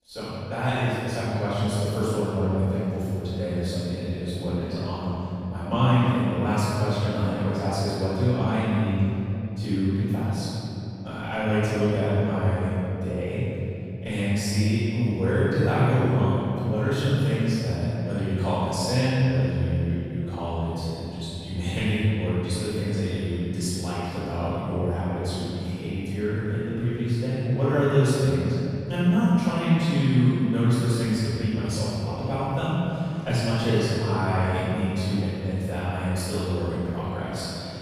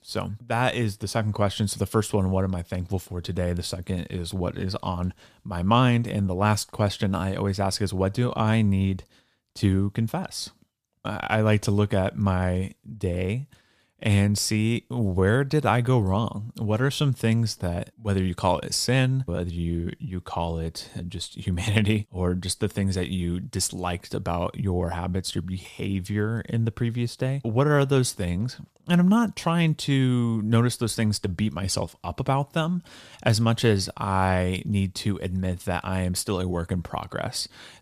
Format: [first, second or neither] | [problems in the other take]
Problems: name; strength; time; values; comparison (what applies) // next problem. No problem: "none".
second | off-mic speech; far // room echo; strong; dies away in 3 s